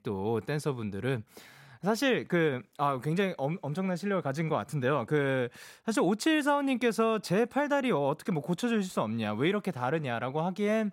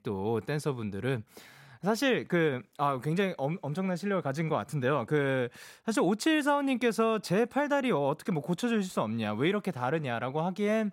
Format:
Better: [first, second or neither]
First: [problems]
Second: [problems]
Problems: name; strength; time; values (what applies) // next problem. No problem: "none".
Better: neither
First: none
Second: none